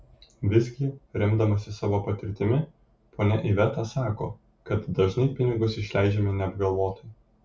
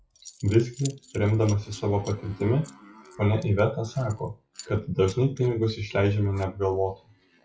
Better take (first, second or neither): first